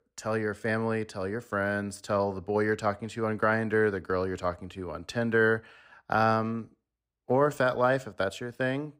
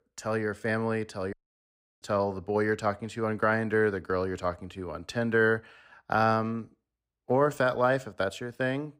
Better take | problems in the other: first | audio cutting out; at 1.5 s for 0.5 s

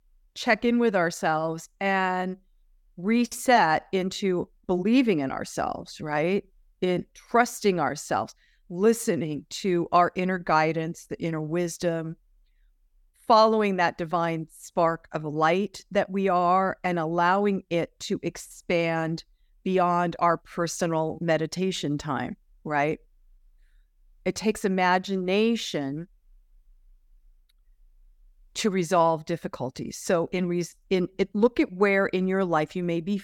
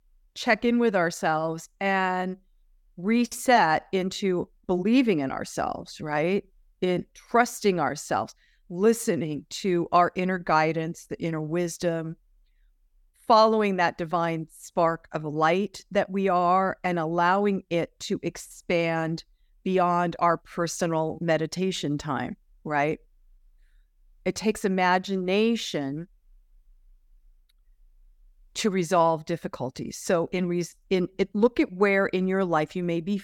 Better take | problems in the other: neither | none

